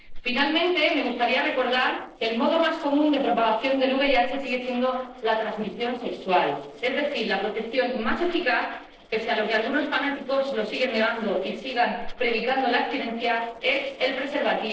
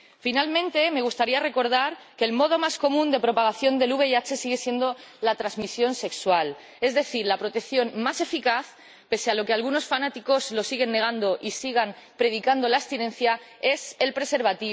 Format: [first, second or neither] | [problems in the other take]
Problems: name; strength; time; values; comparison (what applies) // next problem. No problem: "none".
second | noise reduction (neural separator model SepFormer DNS4)